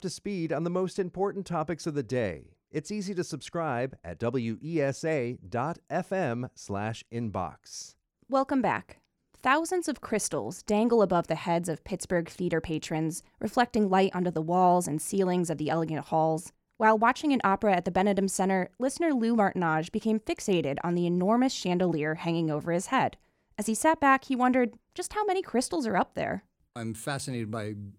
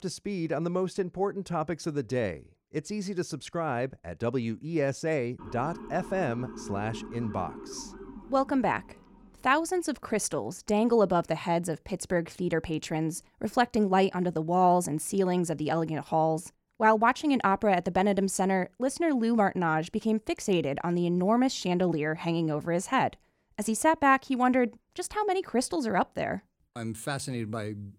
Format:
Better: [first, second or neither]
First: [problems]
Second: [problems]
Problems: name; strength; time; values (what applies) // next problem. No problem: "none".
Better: first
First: none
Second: siren; faint; from 5.5 to 9.5 s; peak 10 dB below the speech